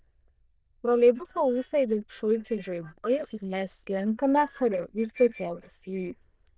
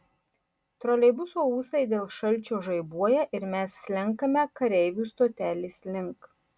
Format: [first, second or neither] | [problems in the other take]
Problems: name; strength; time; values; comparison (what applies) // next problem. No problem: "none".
second | noise reduction (neural diffusion model UNIVERSE++)